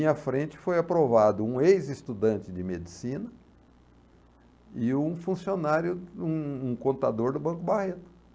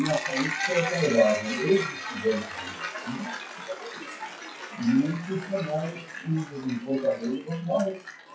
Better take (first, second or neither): first